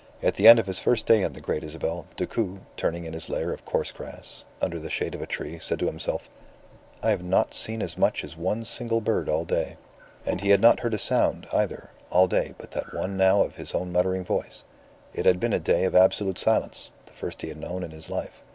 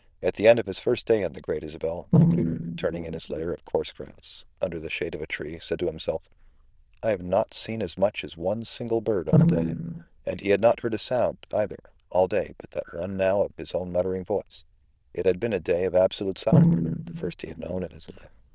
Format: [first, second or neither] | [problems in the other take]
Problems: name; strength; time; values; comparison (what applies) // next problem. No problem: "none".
first | noise reduction (neural diffusion model UNIVERSE++)